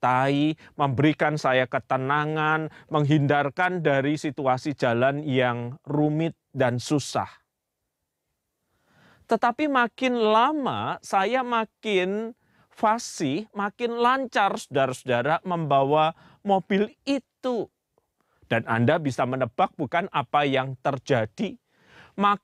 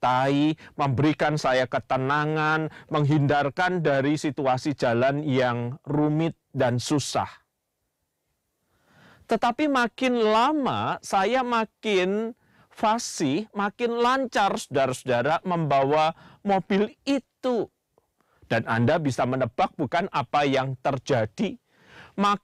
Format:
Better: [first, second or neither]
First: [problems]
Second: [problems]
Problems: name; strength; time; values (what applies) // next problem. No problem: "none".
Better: first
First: none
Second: distortion; slight; 10 dB below the speech